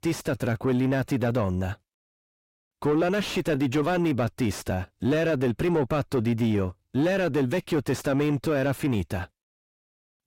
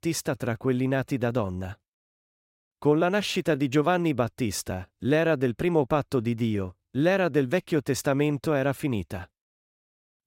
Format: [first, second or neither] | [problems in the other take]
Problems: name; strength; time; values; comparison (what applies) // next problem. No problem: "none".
second | distortion; heavy; 7 dB below the speech